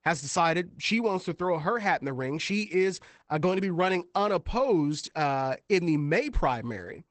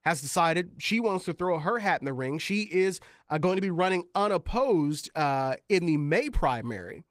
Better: second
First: garbled, watery; badly; nothing above 8 kHz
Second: garbled, watery; slightly; nothing above 15.5 kHz

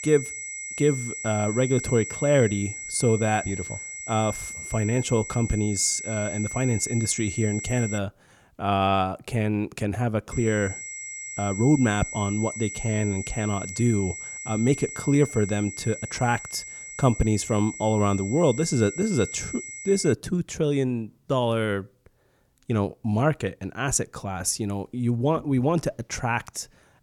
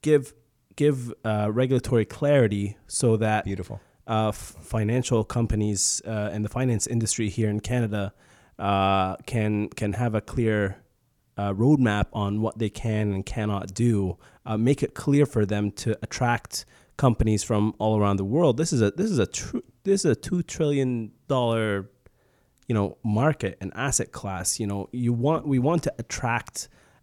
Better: second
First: high-pitched whine; loud; until 8 s and from 10 to 20 s; 2 kHz, 9 dB below the speech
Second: none

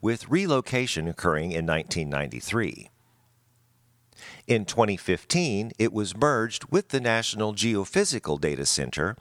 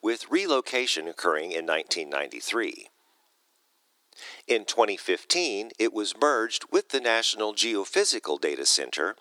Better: first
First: none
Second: thin; somewhat; fading below 300 Hz

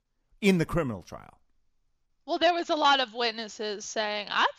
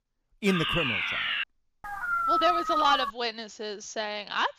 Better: first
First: none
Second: alarm; loud; at 0.5 s; peak 3 dB above the speech // dog barking; loud; from 2 to 3 s; peak 5 dB above the speech

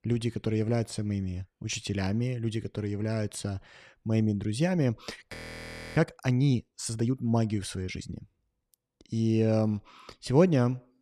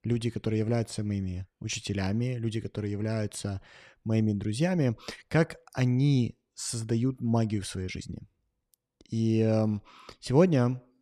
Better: second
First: audio freezing; at 5.5 s for 0.5 s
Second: none

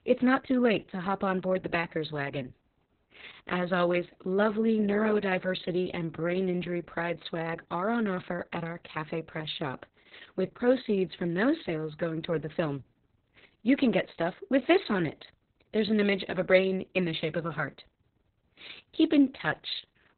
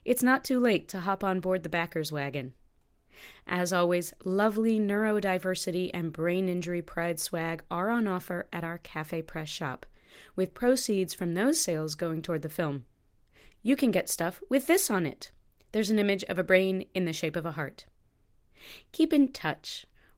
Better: second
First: garbled, watery; badly; nothing above 4 kHz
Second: garbled, watery; slightly; nothing above 16 kHz

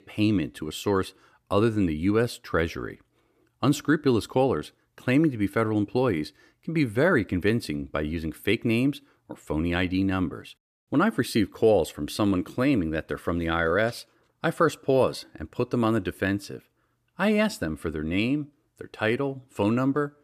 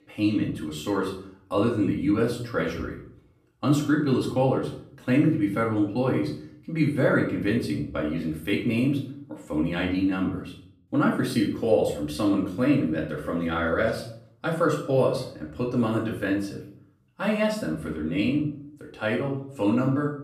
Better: first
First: none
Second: off-mic speech; far // room echo; noticeable; dies away in 0.5 s

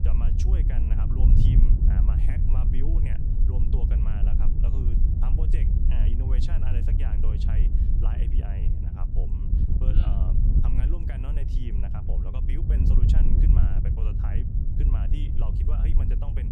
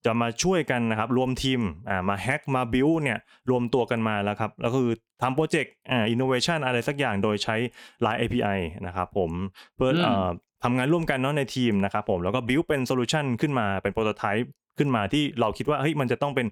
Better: second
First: wind noise on the microphone; heavy; 3 dB above the speech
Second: none

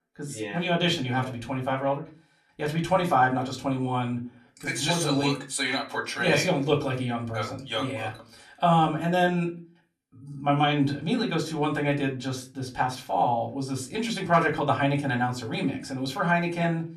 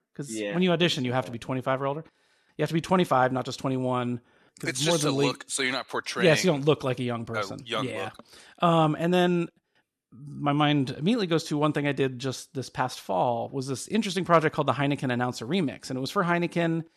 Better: second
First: off-mic speech; far // room echo; very slight; dies away in 0.3 s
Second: none

